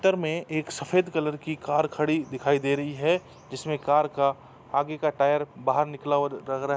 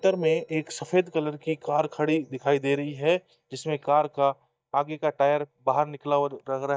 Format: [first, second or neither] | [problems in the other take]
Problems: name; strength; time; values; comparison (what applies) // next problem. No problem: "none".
first | noise reduction (neural mask model DeepFilterNet 3)